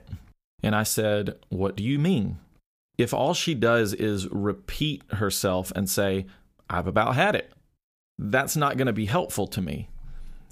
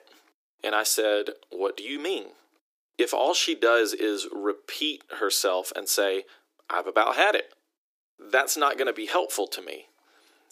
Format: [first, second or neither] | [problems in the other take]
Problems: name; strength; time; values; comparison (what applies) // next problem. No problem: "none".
first | thin; very; fading below 300 Hz